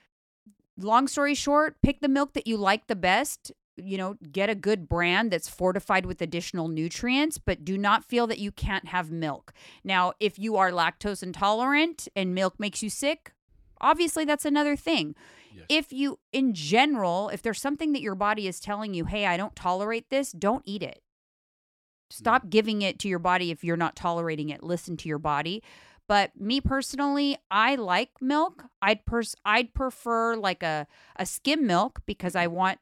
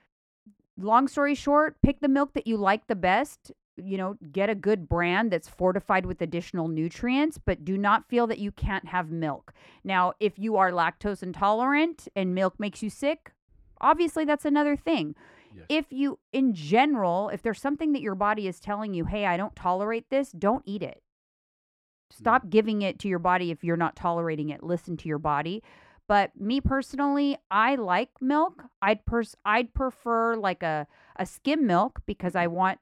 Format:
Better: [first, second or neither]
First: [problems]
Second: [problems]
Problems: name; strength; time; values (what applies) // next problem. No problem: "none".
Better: first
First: none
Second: muffled; slightly; fading above 2.5 kHz